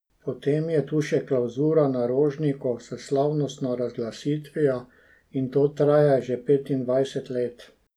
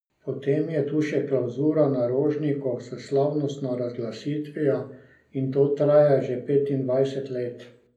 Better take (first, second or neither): first